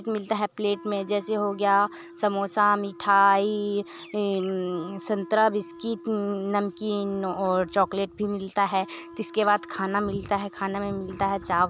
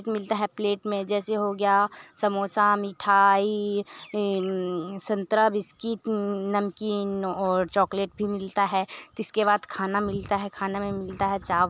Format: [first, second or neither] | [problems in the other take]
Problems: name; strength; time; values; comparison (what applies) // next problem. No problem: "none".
second | background sound (Wind instrument, woodwind instrument); 20 dB below the speech